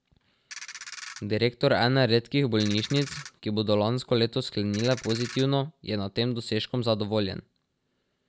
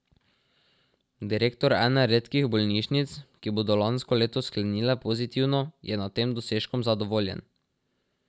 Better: second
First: background sound (Ratchet, pawl); 14 dB below the speech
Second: none

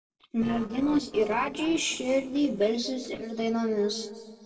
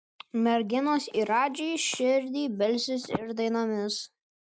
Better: second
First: noise reduction (neural separator model SepFormer DNS4)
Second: none

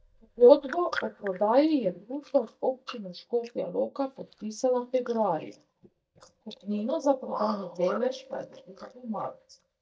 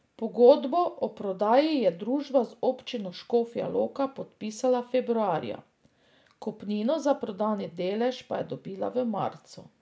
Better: second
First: noise reduction (neural mask model DeepFilterNet 3)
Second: none

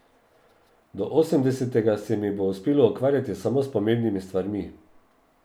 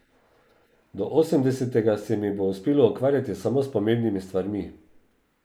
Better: first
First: none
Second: noise reduction (neural mask model Resemble Enhance denoiser)

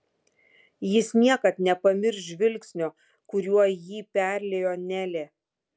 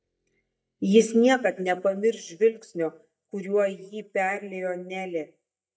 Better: first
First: none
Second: noise reduction (neural mask model DeepFilterNet 3)

